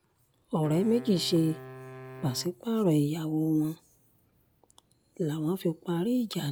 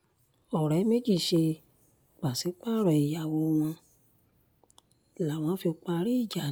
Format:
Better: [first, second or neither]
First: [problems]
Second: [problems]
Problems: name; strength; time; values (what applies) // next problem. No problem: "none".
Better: second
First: background sound (Wind instrument, woodwind instrument); 17 dB below the speech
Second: none